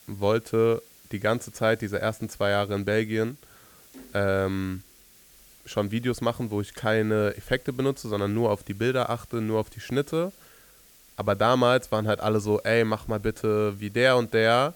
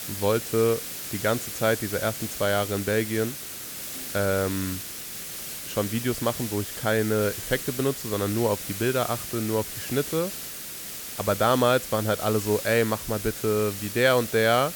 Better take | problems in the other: first | hiss; loud; throughout; 7 dB below the speech; faint in the first

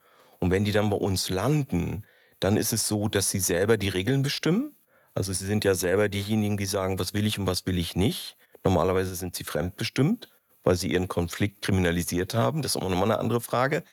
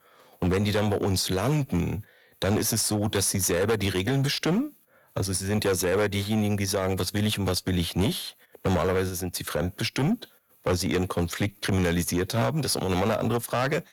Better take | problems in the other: first | distortion; slight; 10% of the sound clipped

